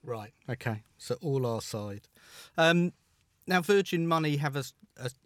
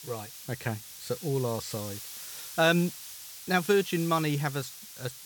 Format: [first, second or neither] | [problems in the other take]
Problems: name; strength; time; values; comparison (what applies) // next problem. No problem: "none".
first | hiss; noticeable; throughout; 10 dB below the speech